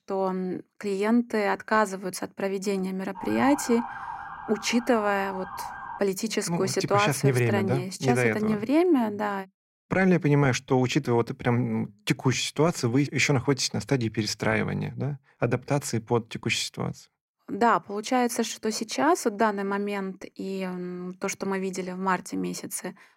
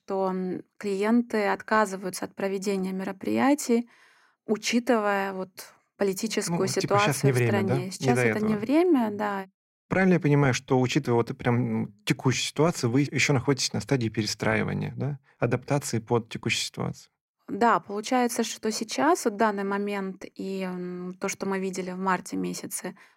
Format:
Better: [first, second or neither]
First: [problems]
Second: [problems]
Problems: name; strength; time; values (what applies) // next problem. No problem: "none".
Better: second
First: siren; noticeable; from 3 to 6 s; peak 8 dB below the speech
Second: none